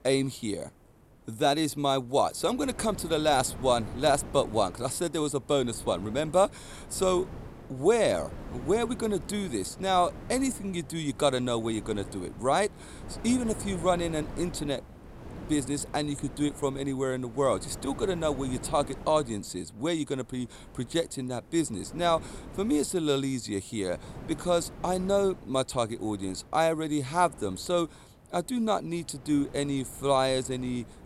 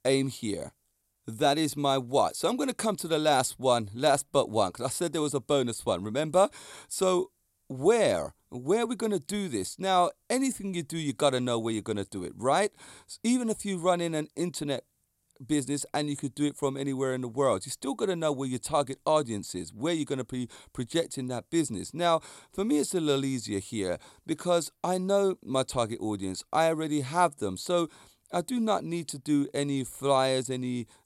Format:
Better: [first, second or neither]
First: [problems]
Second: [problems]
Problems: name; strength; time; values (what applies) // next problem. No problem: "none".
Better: second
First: wind noise on the microphone; occasional gusts; 20 dB below the speech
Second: none